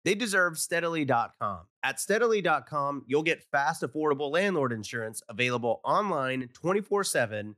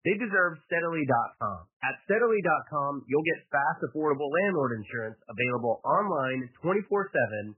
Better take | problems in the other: first | garbled, watery; badly; nothing above 3 kHz

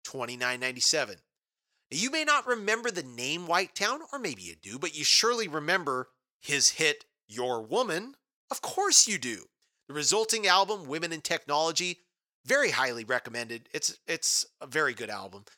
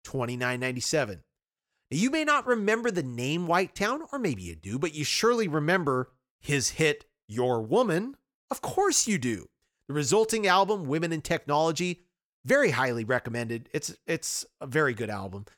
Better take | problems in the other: second | thin; somewhat; fading below 650 Hz

